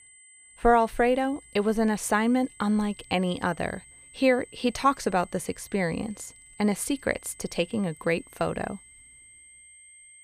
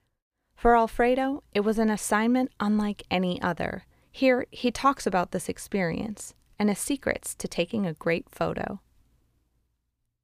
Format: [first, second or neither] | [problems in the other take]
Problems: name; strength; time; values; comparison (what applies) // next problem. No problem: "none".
second | high-pitched whine; faint; throughout; 8 kHz, 20 dB below the speech